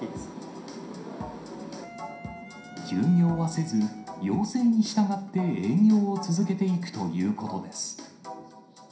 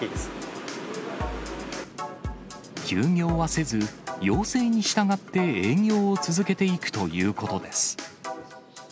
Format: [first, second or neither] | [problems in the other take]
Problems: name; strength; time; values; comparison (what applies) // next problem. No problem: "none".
second | background sound (Wind instrument, woodwind instrument); 19 dB below the speech // room echo; dies away in 0.5 s